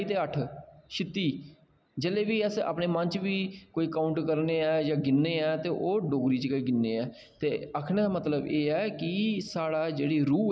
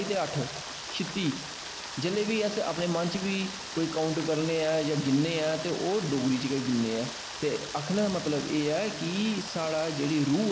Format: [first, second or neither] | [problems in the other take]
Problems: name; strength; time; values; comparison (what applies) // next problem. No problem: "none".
first | background sound (Rain); 10 dB below the speech